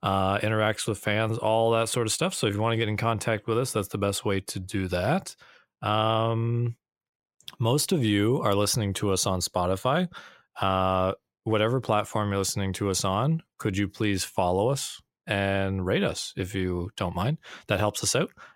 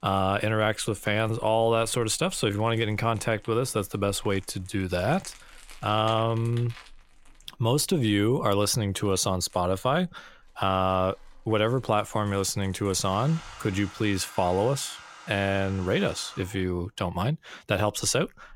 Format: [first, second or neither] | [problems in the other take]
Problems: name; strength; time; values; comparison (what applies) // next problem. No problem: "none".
first | household noises; faint; throughout; 20 dB below the speech